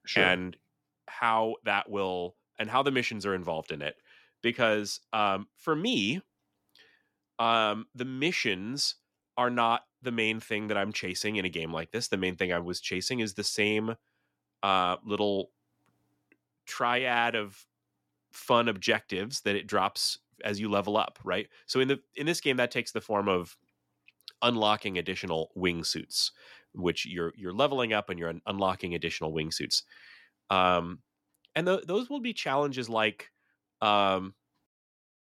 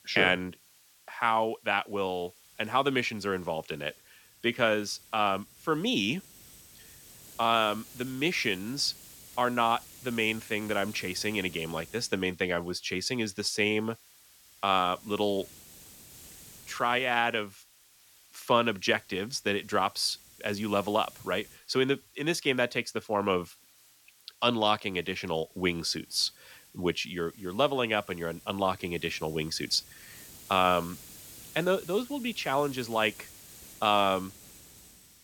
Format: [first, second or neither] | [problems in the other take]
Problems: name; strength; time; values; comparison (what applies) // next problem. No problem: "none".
first | hiss; faint; throughout; 20 dB below the speech